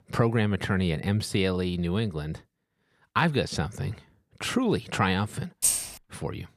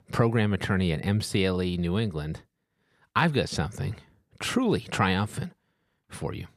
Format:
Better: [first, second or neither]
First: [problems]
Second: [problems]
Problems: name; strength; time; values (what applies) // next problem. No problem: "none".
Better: second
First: jangling keys; loud; at 5.5 s; peak 4 dB above the speech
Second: none